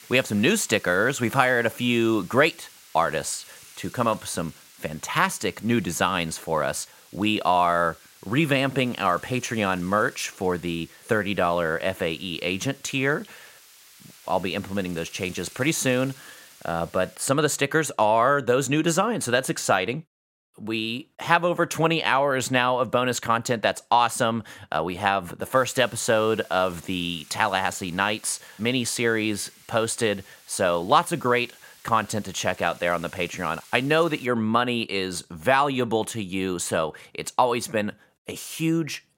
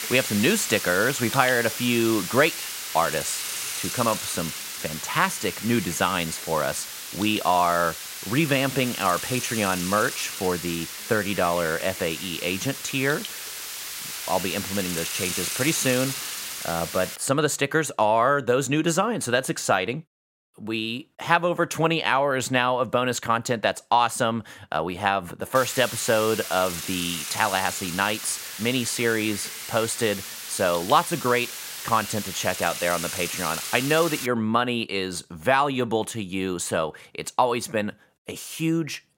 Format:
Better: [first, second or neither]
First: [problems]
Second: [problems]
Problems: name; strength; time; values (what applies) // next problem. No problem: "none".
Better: first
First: hiss; faint; until 17 s and from 26 to 34 s; 25 dB below the speech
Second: hiss; loud; until 17 s and from 26 to 34 s; 6 dB below the speech